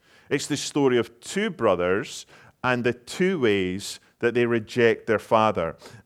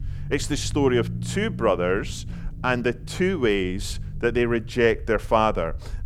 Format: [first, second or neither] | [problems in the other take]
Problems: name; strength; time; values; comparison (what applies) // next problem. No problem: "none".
first | low rumble; faint; throughout; 20 dB below the speech